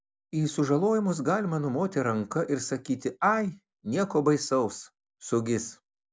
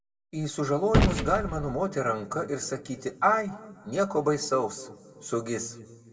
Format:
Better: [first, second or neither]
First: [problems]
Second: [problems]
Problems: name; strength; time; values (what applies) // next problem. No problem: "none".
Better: first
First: none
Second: background sound (Gunshot, gunfire); 2 dB below the speech // room echo; dies away in 2 s